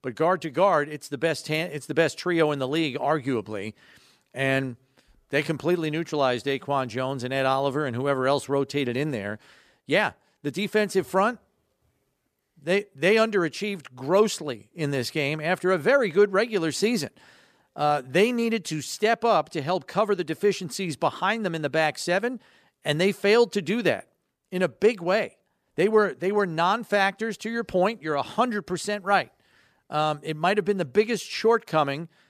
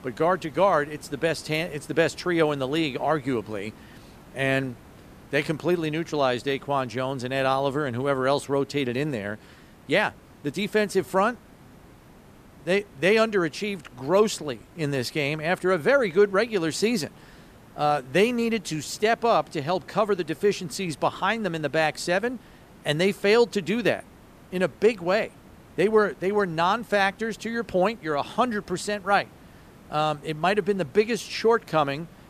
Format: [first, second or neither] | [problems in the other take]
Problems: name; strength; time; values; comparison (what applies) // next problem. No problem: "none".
first | hiss; faint; throughout; 25 dB below the speech